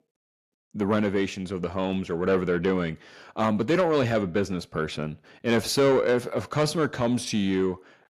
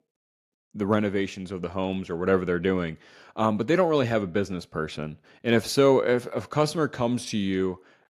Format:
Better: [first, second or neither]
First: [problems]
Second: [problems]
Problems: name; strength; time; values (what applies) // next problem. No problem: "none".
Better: second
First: distortion; slight; 10 dB below the speech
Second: none